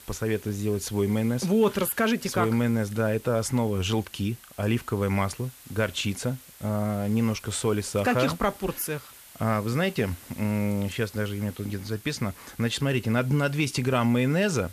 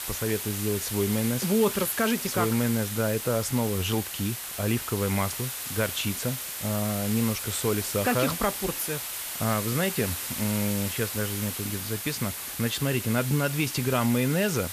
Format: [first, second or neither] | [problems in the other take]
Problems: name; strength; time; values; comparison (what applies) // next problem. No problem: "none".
first | hiss; loud; throughout; 4 dB below the speech; faint in the first